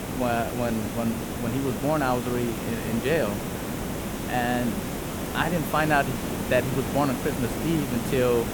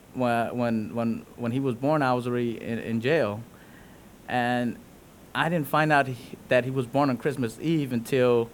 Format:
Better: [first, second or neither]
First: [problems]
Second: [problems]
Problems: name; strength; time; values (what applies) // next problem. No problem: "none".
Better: second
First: hiss; loud; throughout; 4 dB below the speech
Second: hiss; faint; throughout; 25 dB below the speech